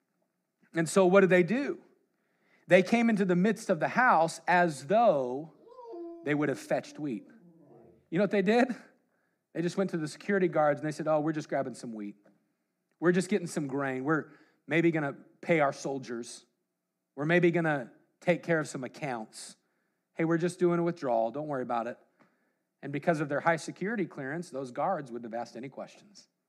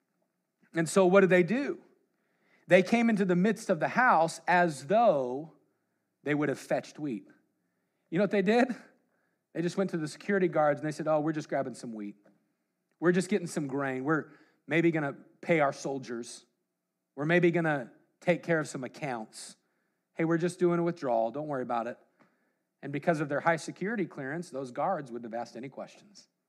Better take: second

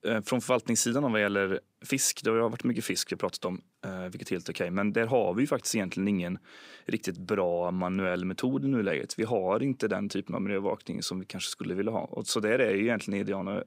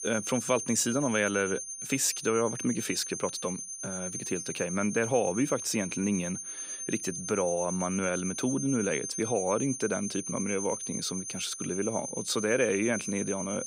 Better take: first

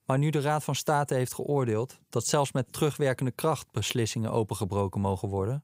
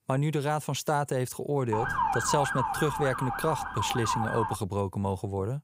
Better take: first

